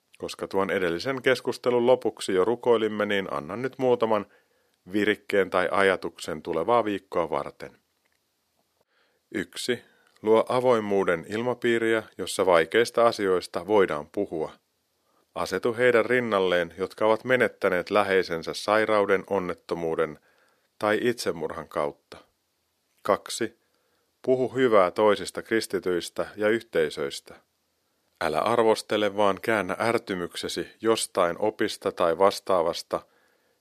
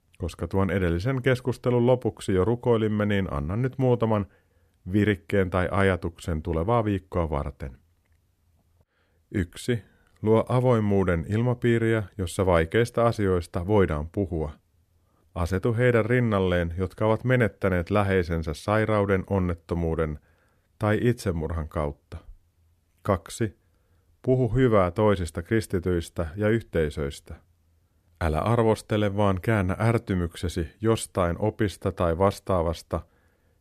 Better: second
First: thin; somewhat; fading below 350 Hz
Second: none

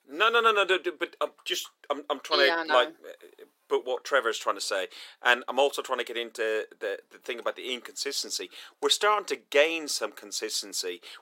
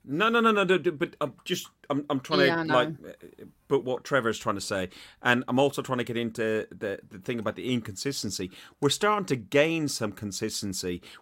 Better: second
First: thin; very; fading below 400 Hz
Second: none

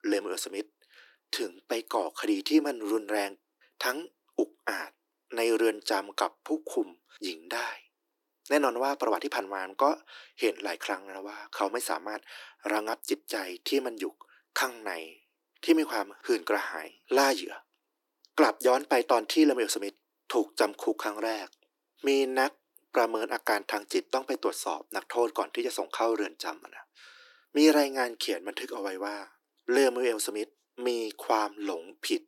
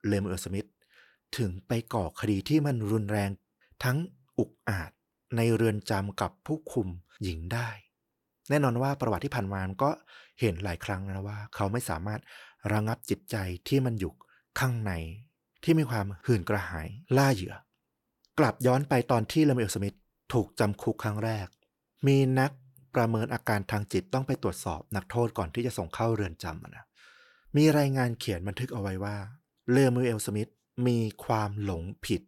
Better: second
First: thin; somewhat; fading below 300 Hz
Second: none

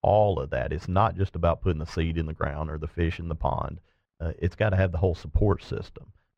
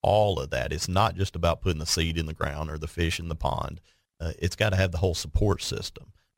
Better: second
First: muffled; very; fading above 3.5 kHz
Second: none

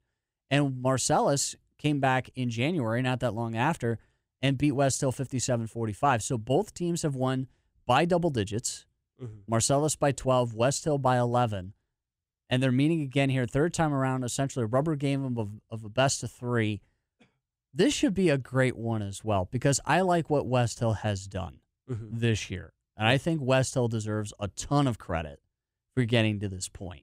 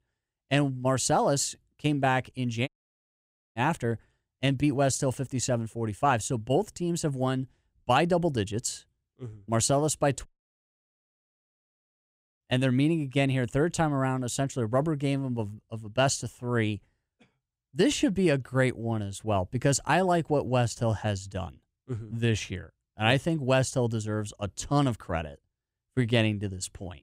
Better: first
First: none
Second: audio cutting out; at 2.5 s for 1 s and at 10 s for 2 s

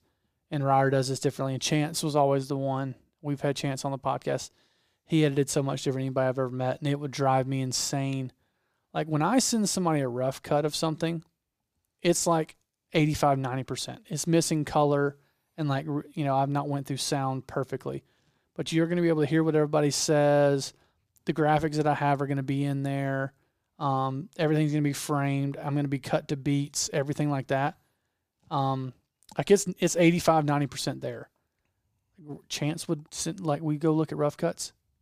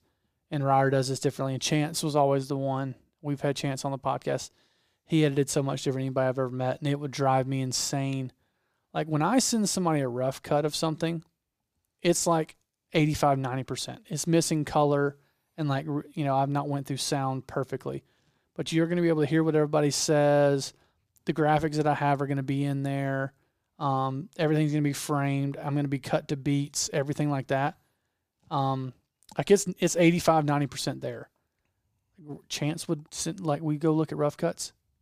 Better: neither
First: none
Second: none

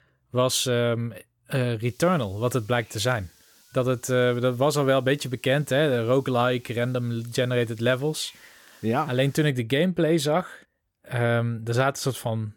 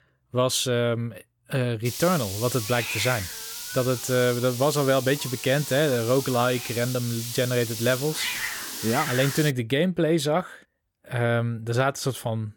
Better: first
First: hiss; faint; from 2 to 9.5 s; 30 dB below the speech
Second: hiss; loud; from 2 to 9.5 s; 6 dB below the speech

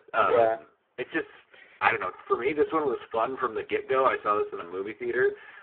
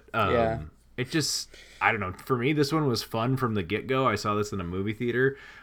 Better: second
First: phone-call audio; poor line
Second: none

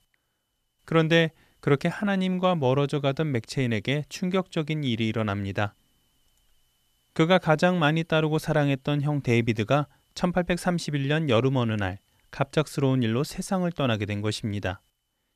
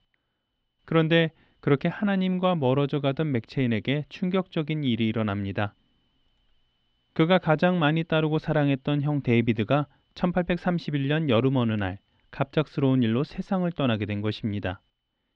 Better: first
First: none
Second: muffled; slightly; fading above 3.5 kHz

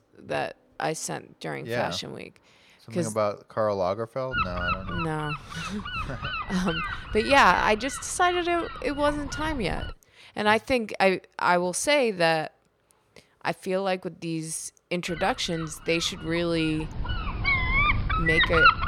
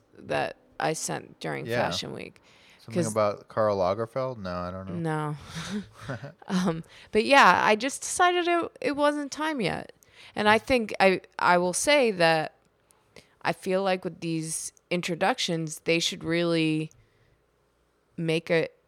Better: second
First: wind noise on the microphone; heavy; from 4.5 to 10 s and from 15 s on; as loud as the speech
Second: none

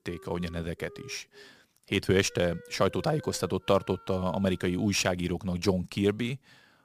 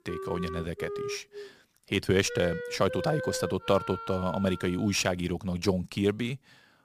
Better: first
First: background music; faint; until 4.5 s; 20 dB below the speech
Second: background music; loud; until 4.5 s; 9 dB below the speech

